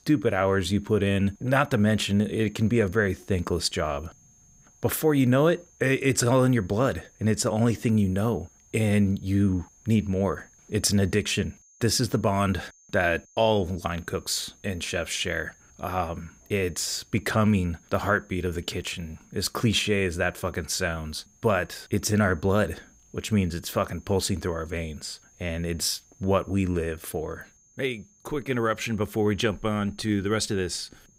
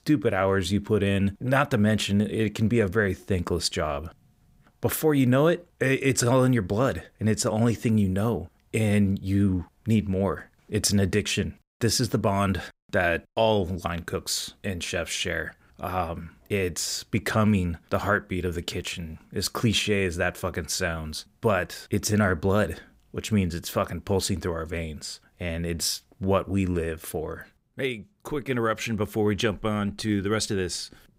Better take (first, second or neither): second